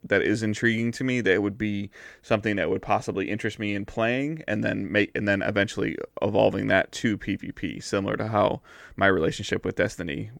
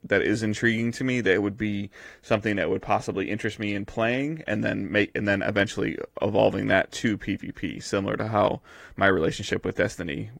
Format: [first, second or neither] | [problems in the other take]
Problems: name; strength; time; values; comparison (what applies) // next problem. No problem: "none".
first | garbled, watery; slightly; nothing above 16 kHz